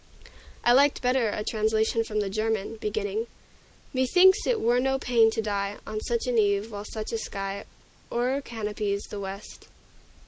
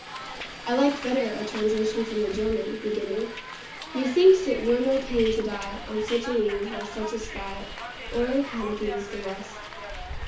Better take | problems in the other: first | background sound (Hiss); 11 dB below the speech // room echo; dies away in 0.9 s

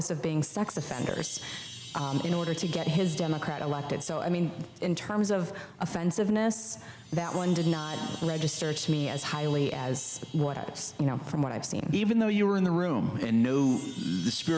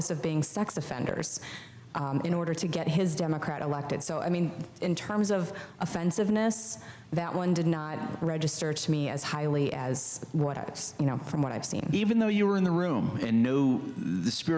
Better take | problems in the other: second | background sound (Chime); 18 dB below the speech

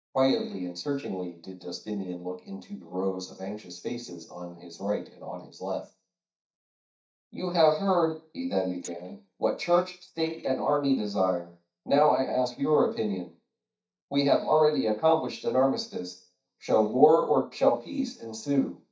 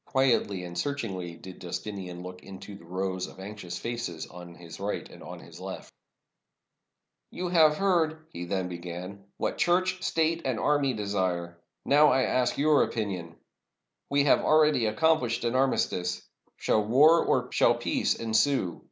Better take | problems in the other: second | noise reduction (neural mask model DeepFilterNet 3)

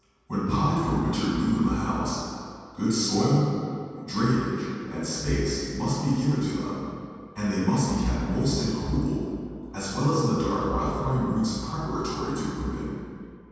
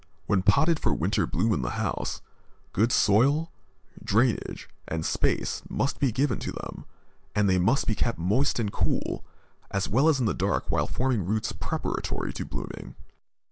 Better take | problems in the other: second | room echo; dies away in 2.1 s

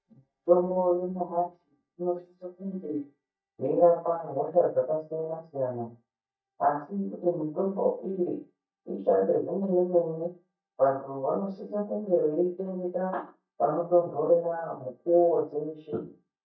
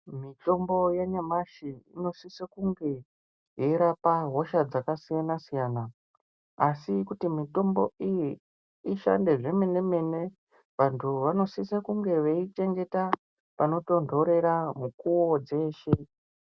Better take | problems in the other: second | noise reduction (neural mask model DeepFilterNet 3)

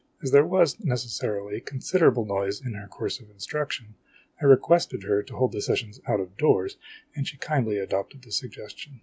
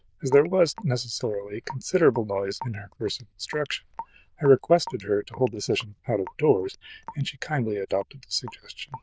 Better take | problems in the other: first | noise reduction (neural diffusion model UNIVERSE++)

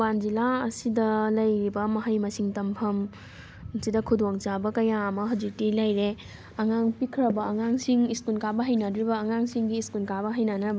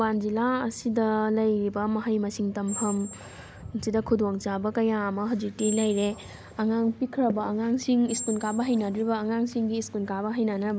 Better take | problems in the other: first | background sound (Squeak); 14 dB below the speech

